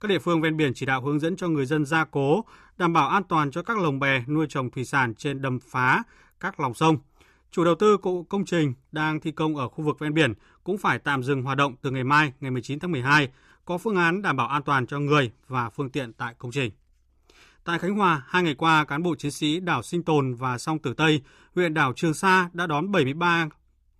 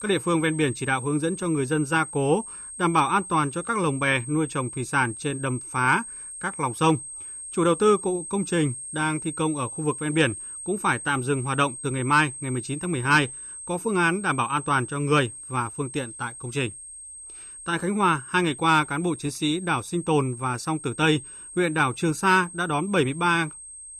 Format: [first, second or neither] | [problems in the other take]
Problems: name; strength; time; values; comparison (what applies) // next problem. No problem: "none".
first | high-pitched whine; noticeable; throughout; 8.5 kHz, 10 dB below the speech